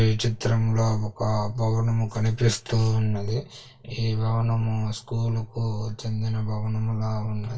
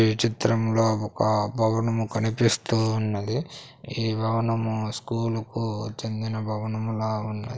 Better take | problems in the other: second | room echo; dies away in 0.1 s

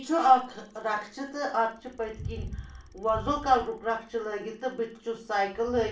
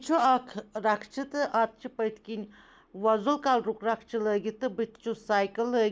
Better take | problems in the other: second | background sound (Bicycle); 15 dB below the speech // room echo; dies away in 0.3 s

